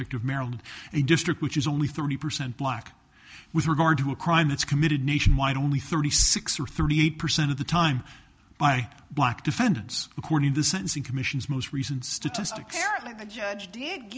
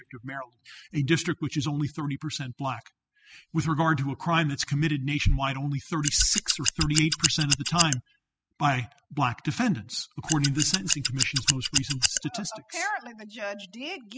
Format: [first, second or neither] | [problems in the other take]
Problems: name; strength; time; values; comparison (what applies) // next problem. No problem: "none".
first | noise reduction (classical method spectral subtraction)